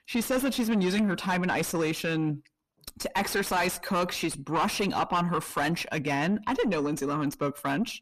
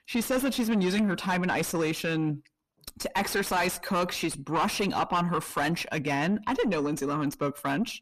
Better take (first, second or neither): neither